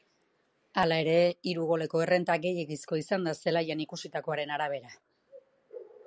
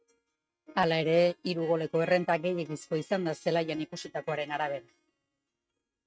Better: first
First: none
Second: noise reduction (neural mask model RNNoise)

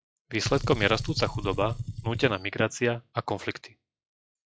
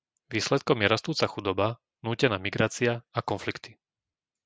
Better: second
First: noise reduction (classical method log-MMSE)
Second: none

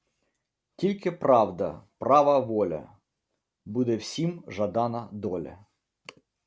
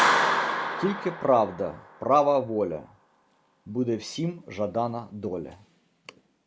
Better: first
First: none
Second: background sound (Clapping); 3 dB below the speech

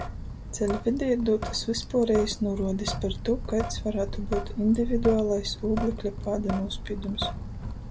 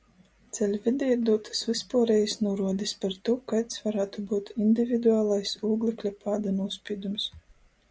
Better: second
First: background sound (Drip / Sink (filling or washing)); 6 dB below the speech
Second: none

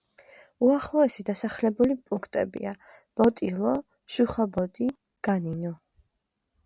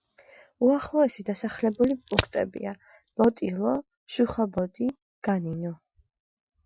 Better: first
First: none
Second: noise reduction (classical method Wiener filter)

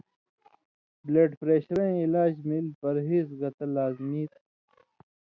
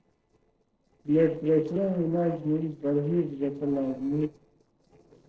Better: first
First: none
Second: noise reduction (neural separator model SepFormer DNS4)

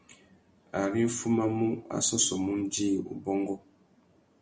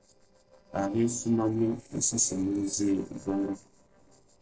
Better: first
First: none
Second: noise reduction (neural separator model SepFormer DNS4)

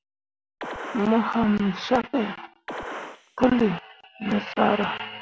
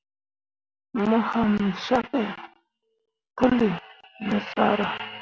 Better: second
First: background sound (Gunshot, gunfire); 14 dB below the speech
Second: none

